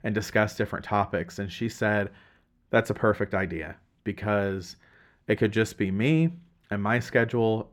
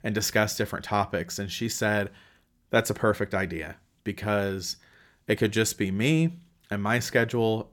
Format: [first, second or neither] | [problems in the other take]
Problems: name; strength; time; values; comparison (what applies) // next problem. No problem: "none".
second | muffled; slightly; fading above 3.5 kHz